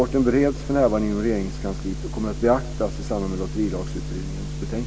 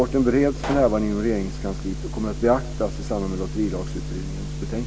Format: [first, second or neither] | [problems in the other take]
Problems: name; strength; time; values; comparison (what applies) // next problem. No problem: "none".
first | background sound (Explosion); 12 dB below the speech